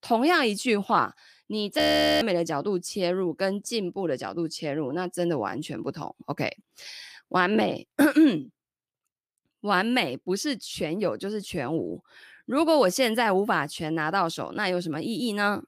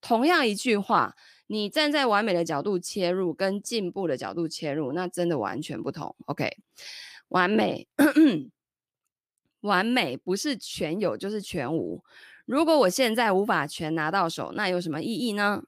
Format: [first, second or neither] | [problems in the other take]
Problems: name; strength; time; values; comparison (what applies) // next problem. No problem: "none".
second | audio freezing; at 2 s